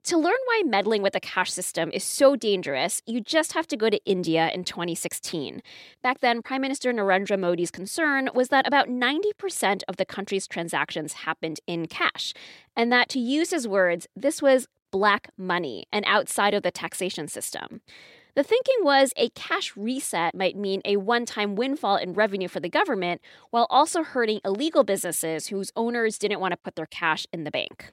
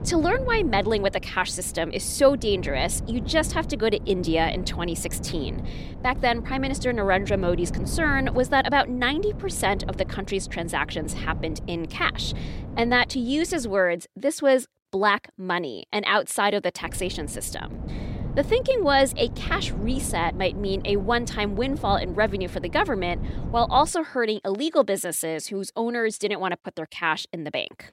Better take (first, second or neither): first